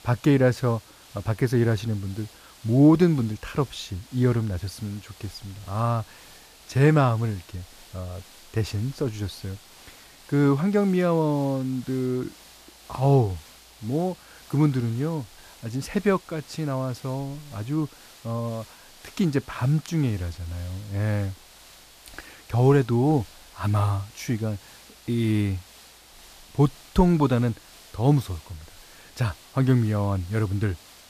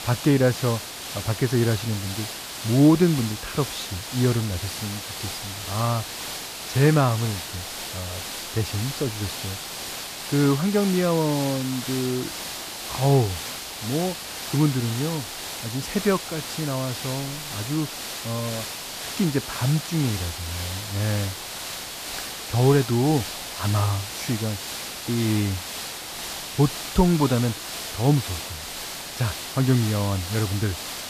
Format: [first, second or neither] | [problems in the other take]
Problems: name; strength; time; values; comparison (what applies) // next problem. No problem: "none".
first | hiss; loud; throughout; 7 dB below the speech; faint in the first